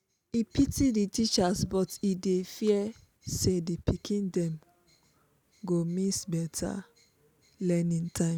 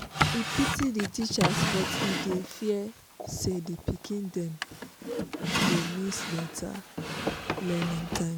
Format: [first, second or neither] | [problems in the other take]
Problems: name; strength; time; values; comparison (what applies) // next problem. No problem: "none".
first | background sound (Drawer open or close); as loud as the speech